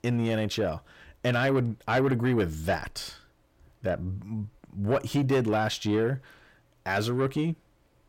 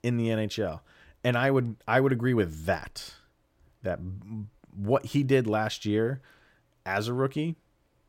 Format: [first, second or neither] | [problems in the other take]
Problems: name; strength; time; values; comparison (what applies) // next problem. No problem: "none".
second | distortion; slight; 10 dB below the speech